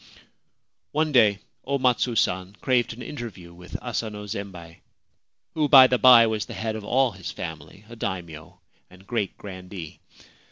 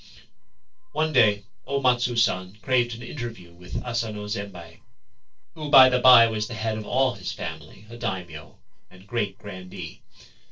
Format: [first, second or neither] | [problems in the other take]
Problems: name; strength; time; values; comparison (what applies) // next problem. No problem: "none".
first | noise reduction (neural separator model SepFormer DNS4)